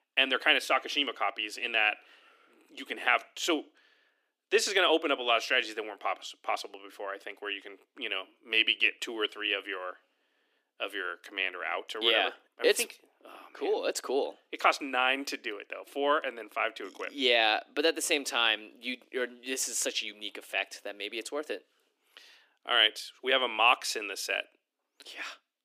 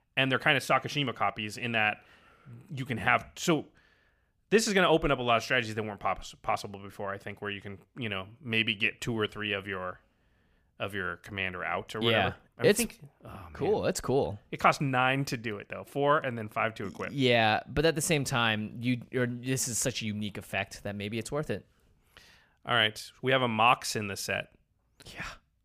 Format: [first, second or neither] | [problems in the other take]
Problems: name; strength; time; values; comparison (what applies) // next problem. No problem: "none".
second | thin; somewhat; fading below 300 Hz